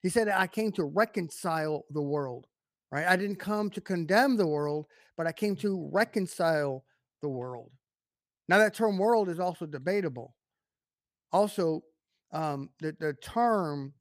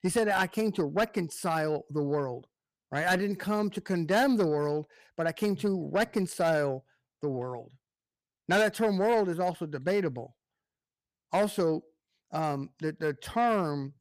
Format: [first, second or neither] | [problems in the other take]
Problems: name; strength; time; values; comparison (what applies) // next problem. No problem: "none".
first | distortion; slight; 10 dB below the speech